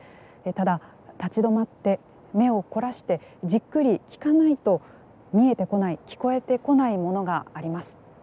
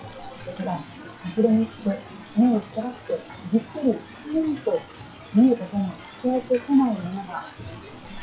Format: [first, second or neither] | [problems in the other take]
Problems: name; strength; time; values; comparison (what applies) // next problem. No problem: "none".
first | noise reduction (classical method WPE with log-MMSE)